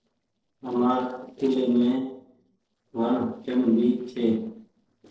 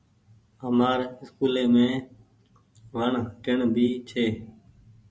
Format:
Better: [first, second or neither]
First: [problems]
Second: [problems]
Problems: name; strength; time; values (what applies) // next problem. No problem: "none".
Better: second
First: noise reduction (neural separator model SepFormer DNS4)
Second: none